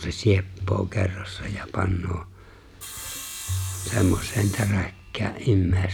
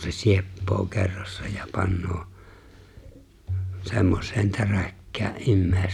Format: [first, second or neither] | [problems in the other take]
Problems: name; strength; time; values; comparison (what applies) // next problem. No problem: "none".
second | background sound (Sawing); 13 dB below the speech